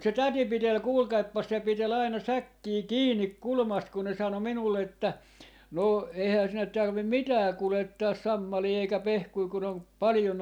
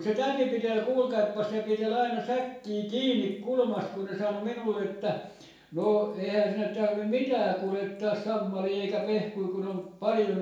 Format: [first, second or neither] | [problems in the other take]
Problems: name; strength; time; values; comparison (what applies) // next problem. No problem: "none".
first | room echo; dies away in 0.5 s